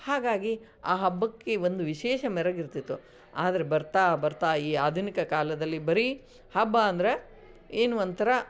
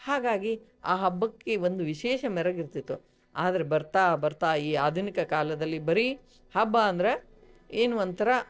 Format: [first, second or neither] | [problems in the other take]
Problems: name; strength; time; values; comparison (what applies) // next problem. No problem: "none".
first | noise reduction (neural separator model SepFormer DNS4)